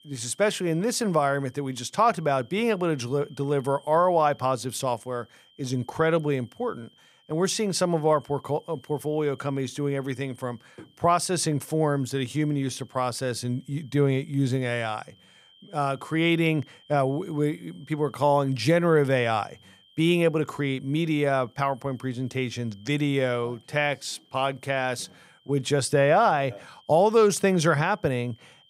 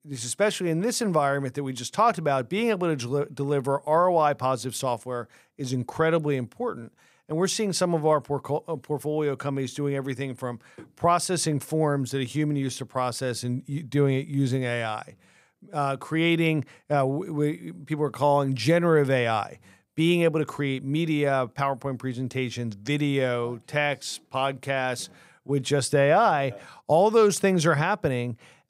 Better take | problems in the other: second | high-pitched whine; faint; throughout; 3 kHz, 30 dB below the speech

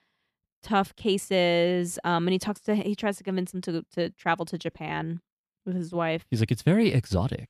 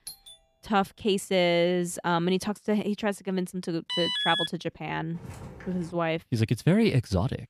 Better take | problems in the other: first | doorbell; faint; at the start; peak 15 dB below the speech // alarm; loud; at 4 s; peak 2 dB above the speech // footsteps; faint; at 5 s; peak 15 dB below the speech

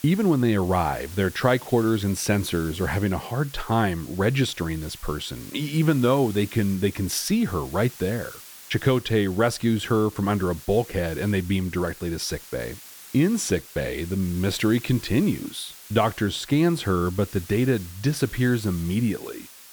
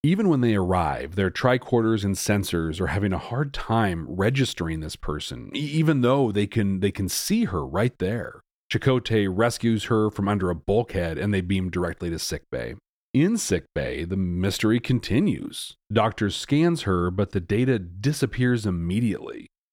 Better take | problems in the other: second | hiss; noticeable; throughout; 15 dB below the speech

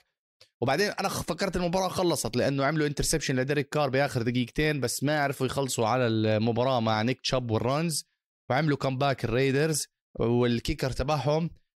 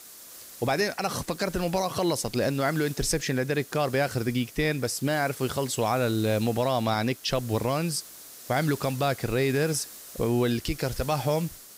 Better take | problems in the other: first | hiss; noticeable; throughout; 15 dB below the speech

